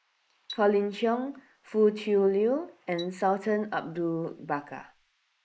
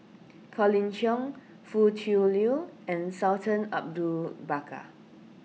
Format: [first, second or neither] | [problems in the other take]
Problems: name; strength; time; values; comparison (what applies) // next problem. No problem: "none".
second | noise reduction (neural mask model Resemble Enhance denoiser)